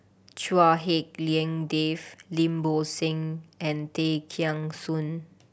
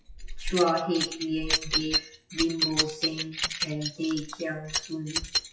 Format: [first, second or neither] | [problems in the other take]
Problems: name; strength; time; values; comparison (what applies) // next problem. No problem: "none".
first | noise reduction (classical method WPE with log-MMSE)